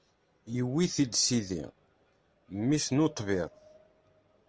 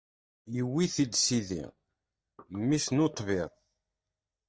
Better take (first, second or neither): first